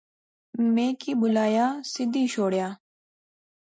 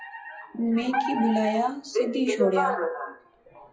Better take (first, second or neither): first